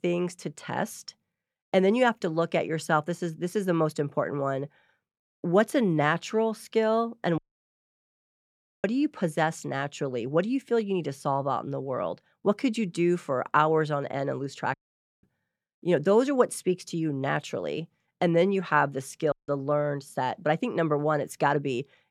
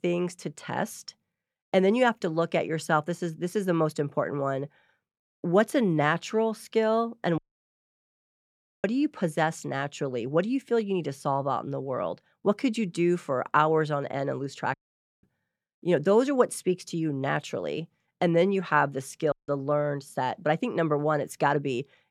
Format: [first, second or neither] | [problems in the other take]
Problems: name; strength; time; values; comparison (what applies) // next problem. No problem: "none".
neither | audio cutting out; at 7.5 s for 1.5 s, at 15 s and at 19 s; the same in both